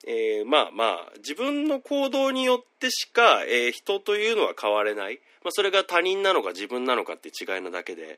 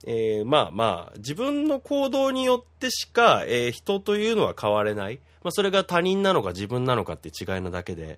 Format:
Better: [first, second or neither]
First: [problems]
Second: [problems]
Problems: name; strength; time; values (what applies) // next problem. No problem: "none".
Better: second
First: thin; very slightly; fading below 250 Hz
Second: none